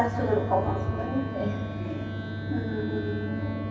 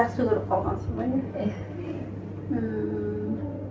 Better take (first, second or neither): second